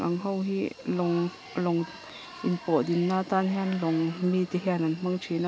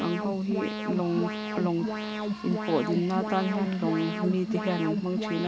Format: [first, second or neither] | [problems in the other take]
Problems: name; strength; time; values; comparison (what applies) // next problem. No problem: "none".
first | background sound (Alarm); 3 dB below the speech